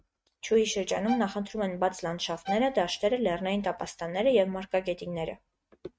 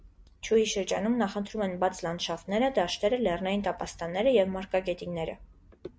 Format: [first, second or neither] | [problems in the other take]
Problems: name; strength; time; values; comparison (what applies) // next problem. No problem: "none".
second | noise reduction (neural mask model RNNoise)